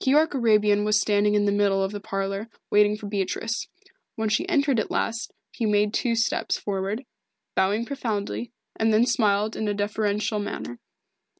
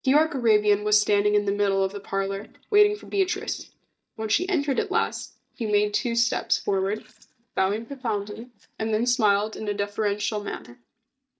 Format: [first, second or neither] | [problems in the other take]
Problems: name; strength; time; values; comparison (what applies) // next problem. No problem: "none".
first | noise reduction (neural mask model DeepFilterNet 3)